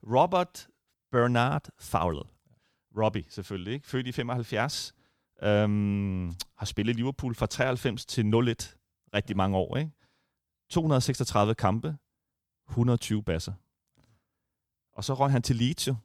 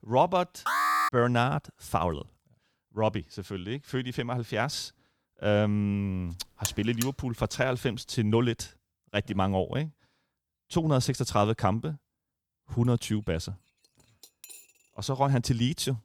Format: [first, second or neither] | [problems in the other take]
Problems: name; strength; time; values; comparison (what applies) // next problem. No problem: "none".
first | alarm; loud; at 0.5 s; peak 4 dB above the speech // alarm; noticeable; at 6.5 s; peak 6 dB below the speech // clattering dishes; faint; from 13 to 15 s; peak 20 dB below the speech